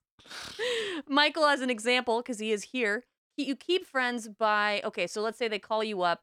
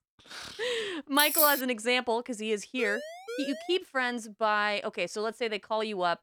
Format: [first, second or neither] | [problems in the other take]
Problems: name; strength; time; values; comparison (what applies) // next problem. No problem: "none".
first | jangling keys; loud; at 1 s; peak 5 dB above the speech // siren; noticeable; at 3 s; peak 9 dB below the speech